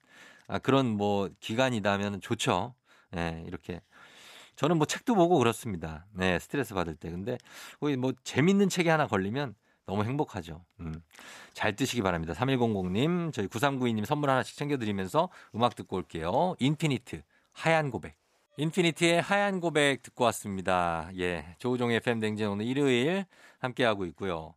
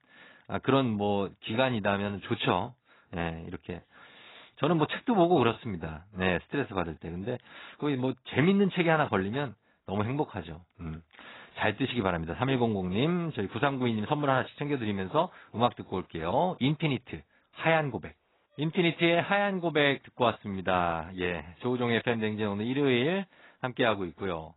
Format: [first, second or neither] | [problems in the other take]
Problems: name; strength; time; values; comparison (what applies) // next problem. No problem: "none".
first | garbled, watery; badly; nothing above 4 kHz